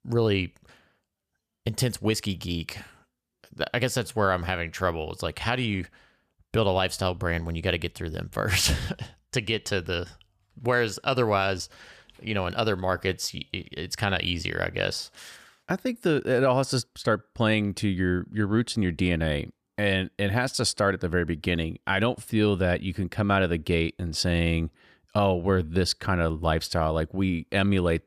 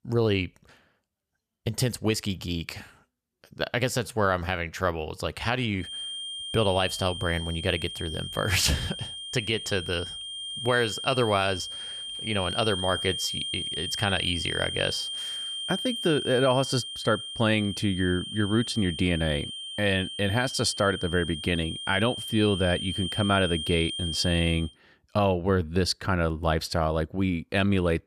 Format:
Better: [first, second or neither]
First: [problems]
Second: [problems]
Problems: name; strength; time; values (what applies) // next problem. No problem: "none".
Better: first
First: none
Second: high-pitched whine; loud; from 6 to 25 s; 3 kHz, 6 dB below the speech